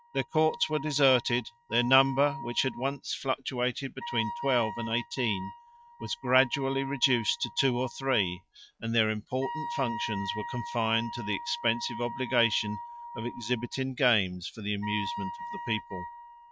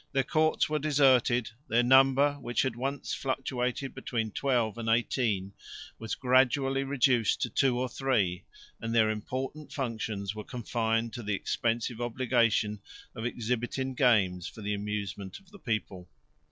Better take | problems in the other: second | noise reduction (neural mask model RNNoise)

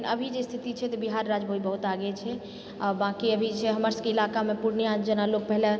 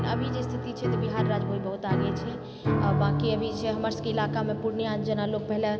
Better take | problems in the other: first | background sound (Piano); 1 dB above the speech

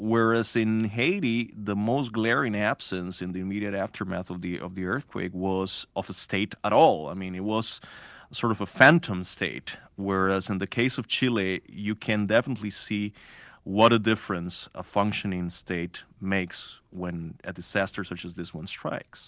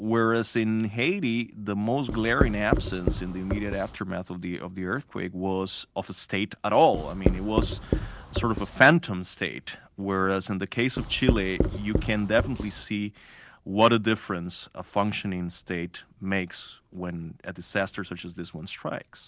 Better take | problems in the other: first | background sound (Writing); 1 dB below the speech

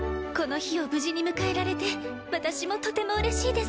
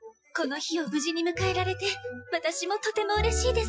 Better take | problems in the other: first | noise reduction (classical method Wiener filter)

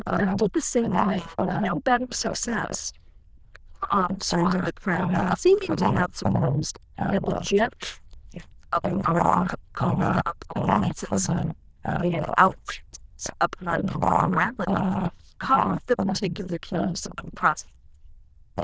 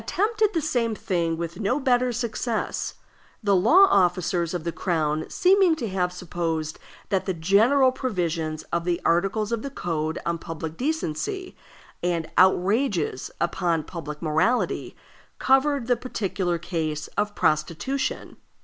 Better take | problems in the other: second | noise reduction (neural diffusion model UNIVERSE++)

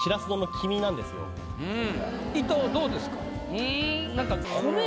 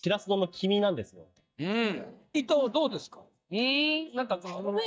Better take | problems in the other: first | noise reduction (neural mask model DeepFilterNet 3)

